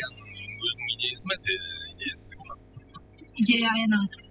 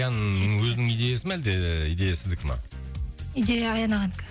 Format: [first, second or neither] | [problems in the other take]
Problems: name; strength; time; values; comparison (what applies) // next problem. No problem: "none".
second | noise reduction (classical method spectral subtraction)